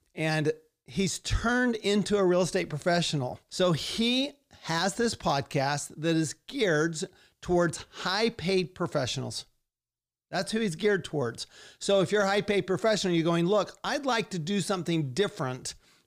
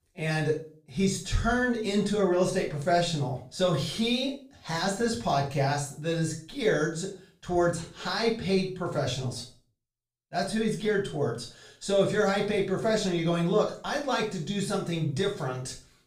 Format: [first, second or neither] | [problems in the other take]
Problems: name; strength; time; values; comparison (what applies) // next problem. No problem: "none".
first | room echo; slight; dies away in 0.4 s // off-mic speech; far